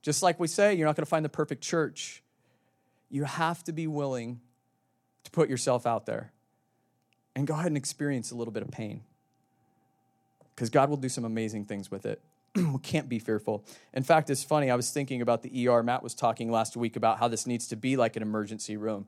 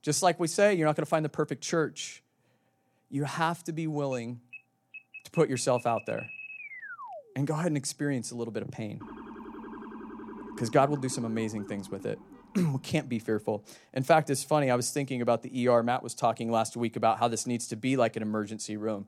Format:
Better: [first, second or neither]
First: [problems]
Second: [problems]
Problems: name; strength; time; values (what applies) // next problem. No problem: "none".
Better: first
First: none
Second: alarm; faint; from 4 to 7.5 s; peak 10 dB below the speech // siren; faint; from 9 to 13 s; peak 15 dB below the speech